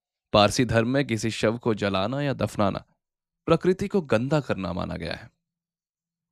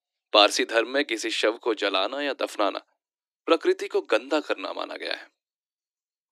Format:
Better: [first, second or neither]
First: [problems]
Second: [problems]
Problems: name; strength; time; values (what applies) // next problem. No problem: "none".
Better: first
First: none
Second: thin; somewhat; fading below 300 Hz